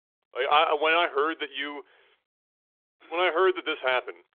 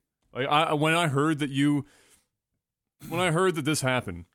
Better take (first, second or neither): second